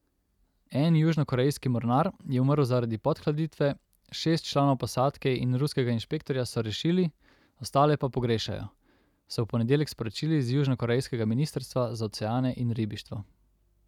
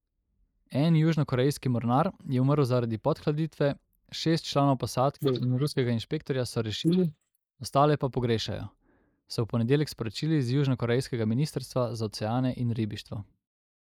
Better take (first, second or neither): first